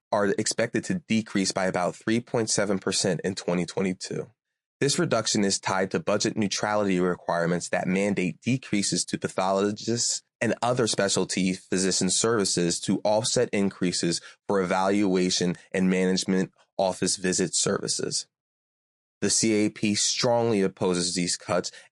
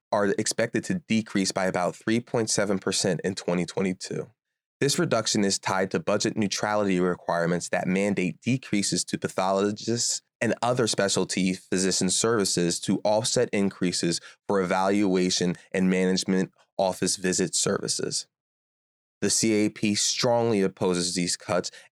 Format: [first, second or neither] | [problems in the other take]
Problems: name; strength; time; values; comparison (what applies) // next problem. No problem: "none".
second | garbled, watery; slightly; nothing above 9 kHz